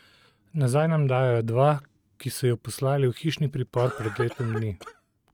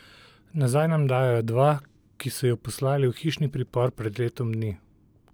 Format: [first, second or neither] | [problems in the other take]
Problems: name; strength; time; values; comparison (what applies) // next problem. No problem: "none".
second | noise reduction (neural mask model RNNoise)